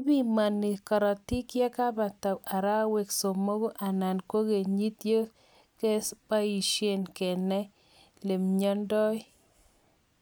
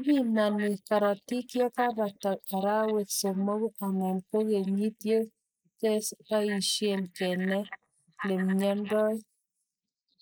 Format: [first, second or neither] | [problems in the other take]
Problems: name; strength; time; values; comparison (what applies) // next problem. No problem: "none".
first | noise reduction (neural mask model Resemble Enhance denoiser)